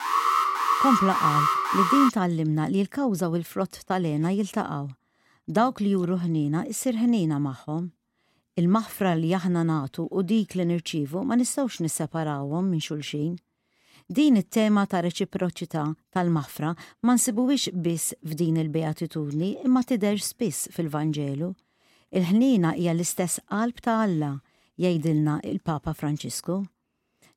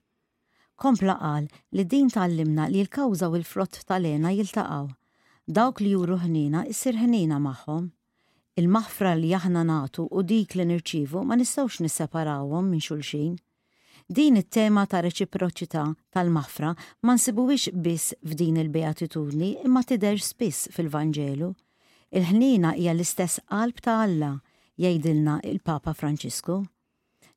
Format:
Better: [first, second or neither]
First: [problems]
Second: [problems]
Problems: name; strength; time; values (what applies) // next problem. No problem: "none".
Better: second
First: alarm; loud; until 2 s; peak 4 dB above the speech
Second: none